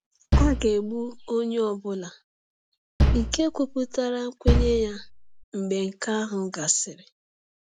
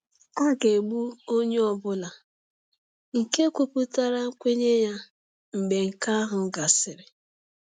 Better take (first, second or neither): second